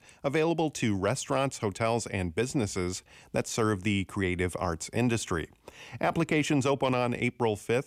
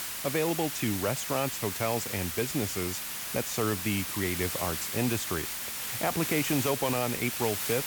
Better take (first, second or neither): first